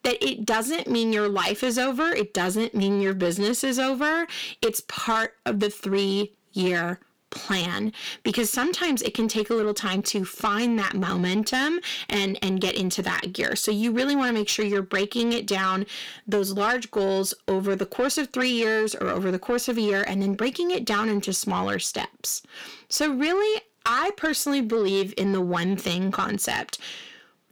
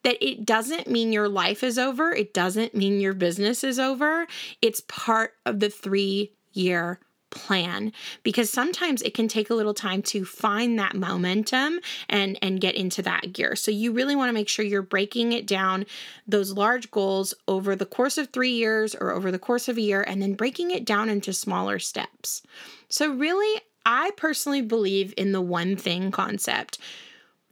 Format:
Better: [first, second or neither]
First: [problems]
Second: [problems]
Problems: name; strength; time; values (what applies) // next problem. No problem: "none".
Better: second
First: distortion; slight; 10 dB below the speech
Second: none